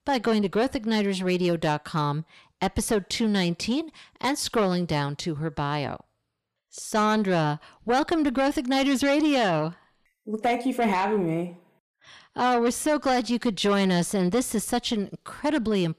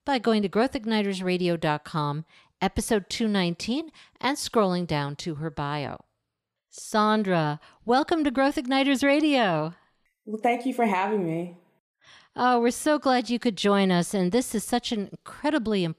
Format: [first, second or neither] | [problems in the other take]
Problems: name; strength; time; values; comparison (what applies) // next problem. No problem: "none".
second | distortion; slight; 10 dB below the speech